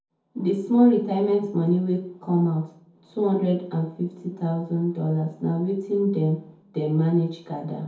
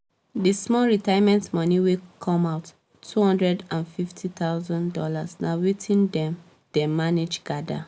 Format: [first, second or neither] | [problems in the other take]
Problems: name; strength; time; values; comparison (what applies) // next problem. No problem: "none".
second | room echo; dies away in 0.6 s